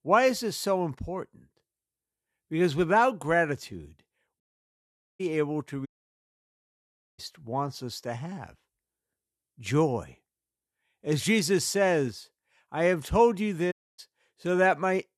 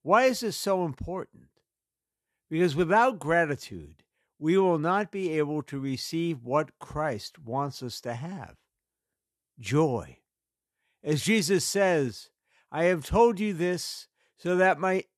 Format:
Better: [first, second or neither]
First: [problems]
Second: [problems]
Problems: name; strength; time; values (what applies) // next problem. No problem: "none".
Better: second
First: audio cutting out; at 4.5 s for 1 s, at 6 s for 1.5 s and at 14 s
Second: none